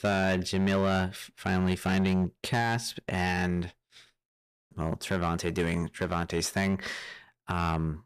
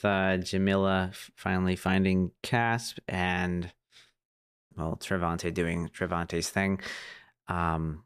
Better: second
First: distortion; slight; 7% of the sound clipped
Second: none

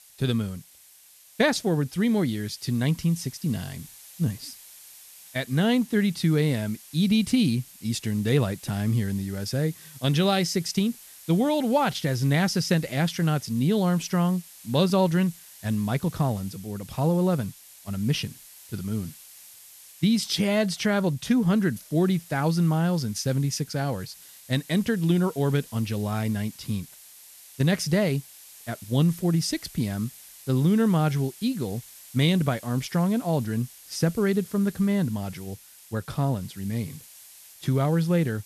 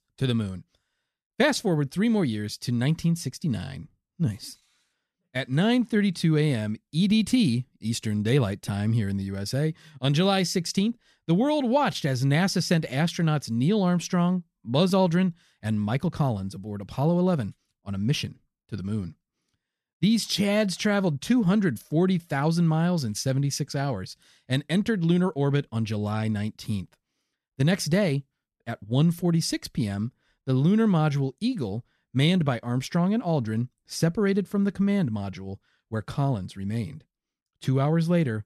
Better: second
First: hiss; noticeable; throughout; 20 dB below the speech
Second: none

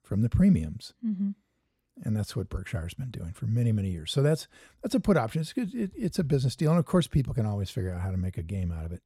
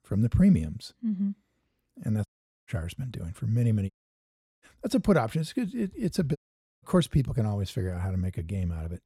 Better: first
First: none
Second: audio cutting out; at 2.5 s, at 4 s for 0.5 s and at 6.5 s

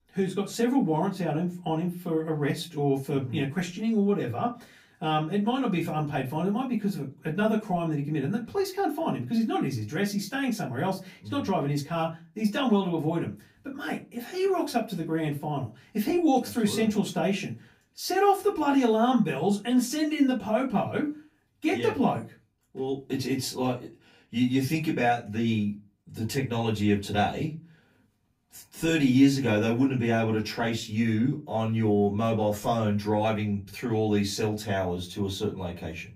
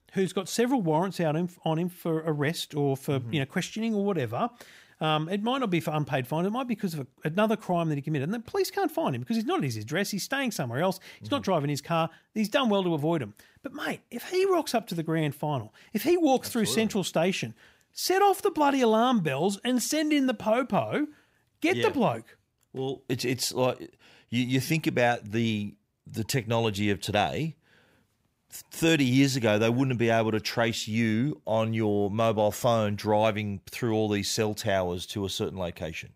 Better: second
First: off-mic speech; far // room echo; very slight; dies away in 0.2 s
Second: none

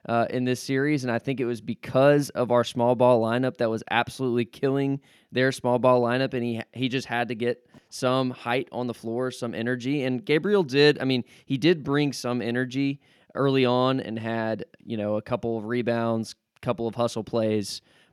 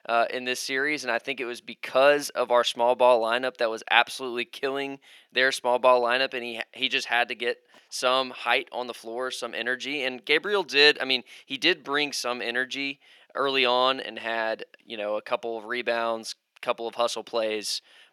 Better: first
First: none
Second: thin; somewhat; fading below 600 Hz

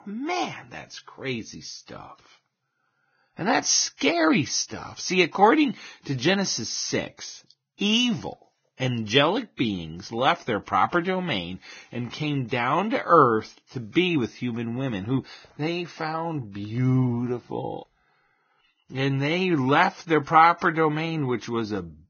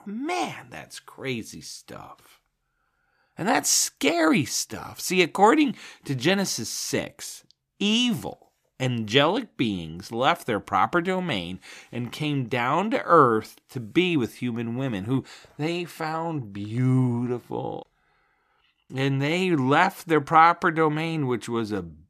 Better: second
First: garbled, watery; badly; nothing above 6.5 kHz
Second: none

